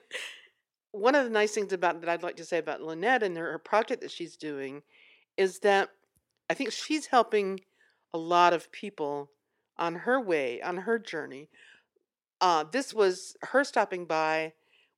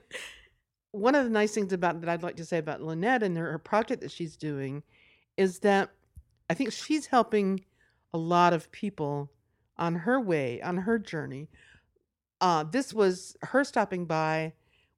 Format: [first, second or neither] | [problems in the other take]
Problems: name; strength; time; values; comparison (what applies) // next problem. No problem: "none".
second | thin; somewhat; fading below 400 Hz